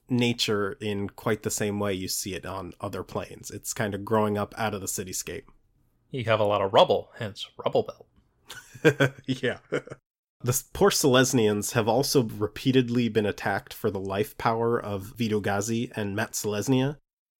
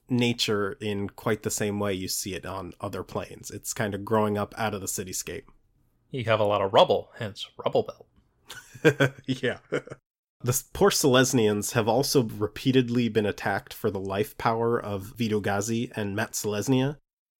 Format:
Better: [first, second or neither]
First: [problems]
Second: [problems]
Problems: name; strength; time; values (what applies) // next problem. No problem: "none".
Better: neither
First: none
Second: none